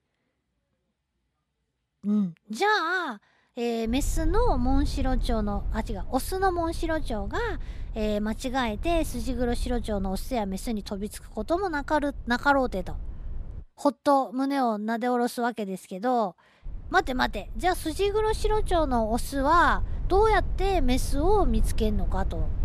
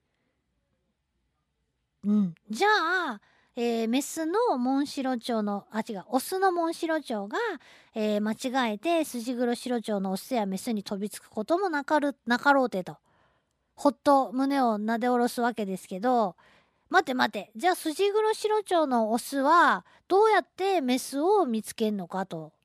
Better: second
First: low rumble; faint; from 4 to 14 s and from 17 s on; 25 dB below the speech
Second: none

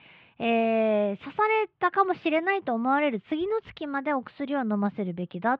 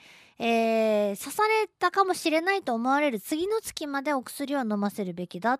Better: second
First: muffled; very; fading above 3 kHz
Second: none

